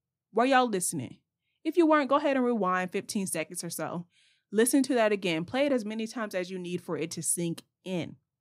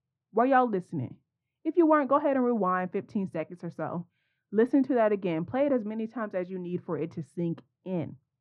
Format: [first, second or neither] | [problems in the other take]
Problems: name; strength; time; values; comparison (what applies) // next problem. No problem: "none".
first | muffled; very; fading above 1 kHz